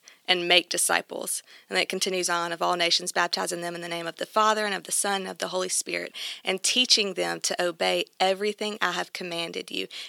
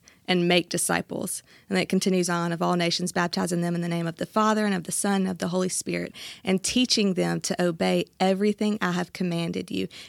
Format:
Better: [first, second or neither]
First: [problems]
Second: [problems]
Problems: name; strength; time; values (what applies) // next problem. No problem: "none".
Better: second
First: thin; somewhat; fading below 500 Hz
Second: none